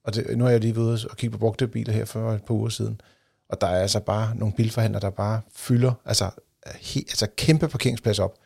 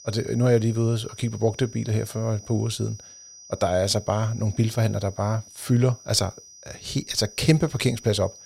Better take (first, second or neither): first